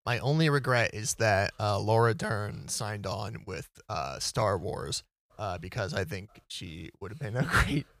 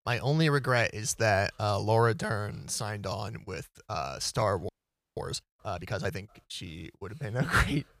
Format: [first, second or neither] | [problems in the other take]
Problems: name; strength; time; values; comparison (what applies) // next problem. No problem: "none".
first | audio freezing; at 4.5 s